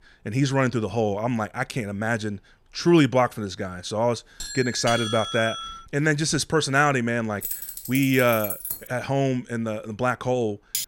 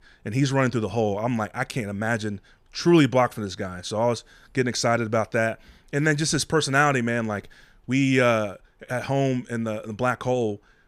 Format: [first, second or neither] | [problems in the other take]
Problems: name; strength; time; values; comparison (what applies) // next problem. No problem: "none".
second | doorbell; noticeable; from 4.5 to 6 s; peak 4 dB below the speech // jangling keys; noticeable; from 7.5 to 9 s; peak 4 dB below the speech // clattering dishes; noticeable; at 10 s; peak 5 dB below the speech